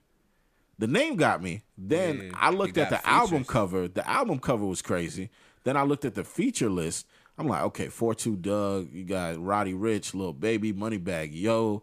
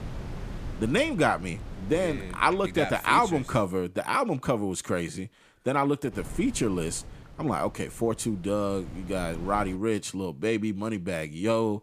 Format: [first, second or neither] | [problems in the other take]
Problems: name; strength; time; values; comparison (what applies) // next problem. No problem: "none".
first | wind noise on the microphone; occasional gusts; until 3.5 s and from 6 to 10 s; 20 dB below the speech